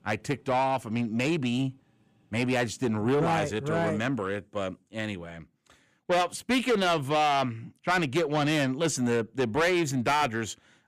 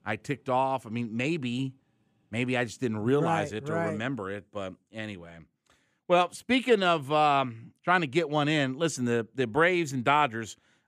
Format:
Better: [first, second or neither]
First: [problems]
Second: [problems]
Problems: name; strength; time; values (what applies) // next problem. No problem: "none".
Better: second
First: distortion; heavy; 8 dB below the speech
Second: none